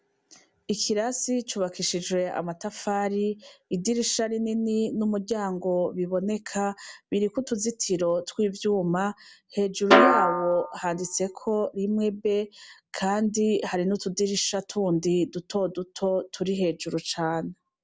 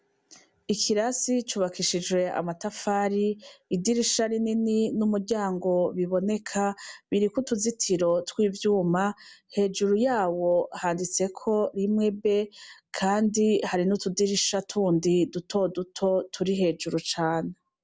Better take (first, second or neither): second